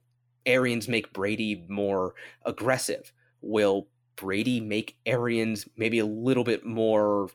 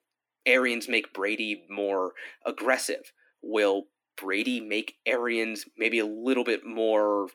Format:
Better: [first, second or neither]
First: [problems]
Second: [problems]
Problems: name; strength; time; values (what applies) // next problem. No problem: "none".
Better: first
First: none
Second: thin; very slightly; fading below 250 Hz